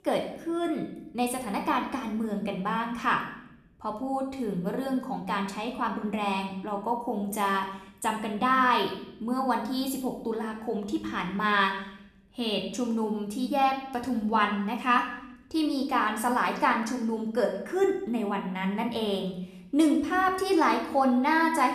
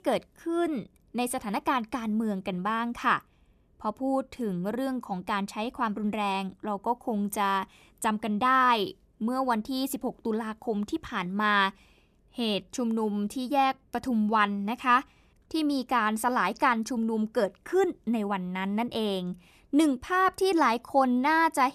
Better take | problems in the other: second | room echo; slight; dies away in 0.7 s // off-mic speech; somewhat distant

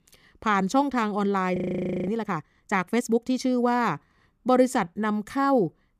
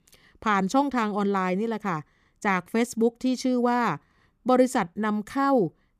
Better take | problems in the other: second | audio freezing; at 1.5 s for 0.5 s

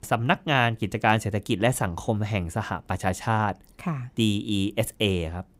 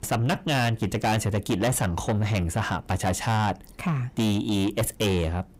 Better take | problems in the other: first | distortion; heavy; 6 dB below the speech

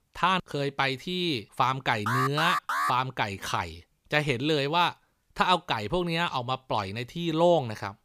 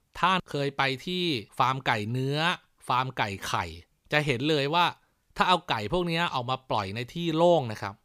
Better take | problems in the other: second | alarm; loud; at 2 s; peak level with the speech

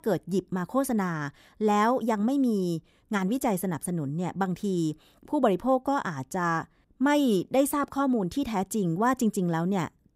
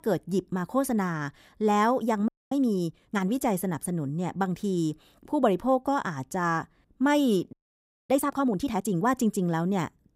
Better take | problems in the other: first | audio freezing; at 2.5 s and at 7.5 s for 0.5 s

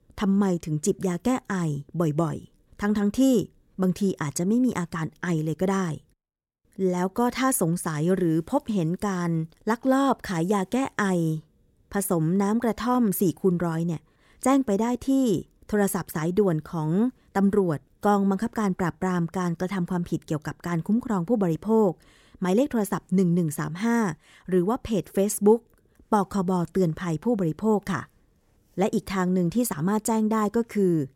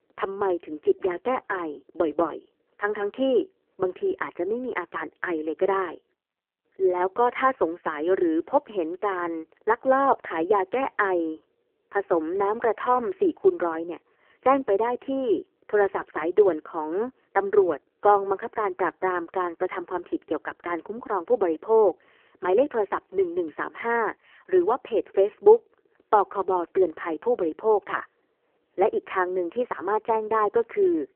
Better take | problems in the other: first | phone-call audio; poor line

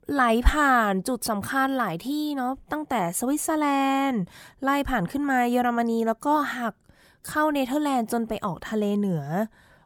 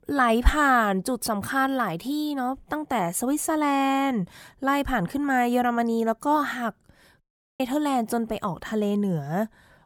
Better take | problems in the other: first | audio cutting out; at 7 s

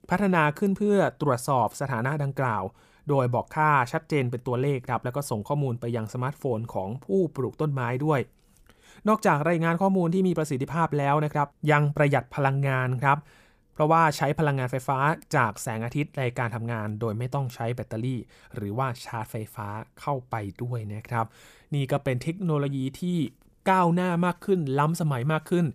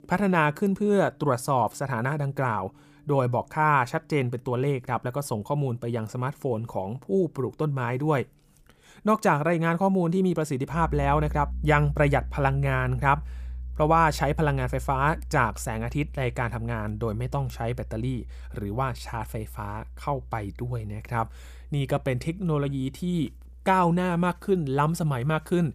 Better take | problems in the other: first | background music; noticeable; throughout; 15 dB below the speech

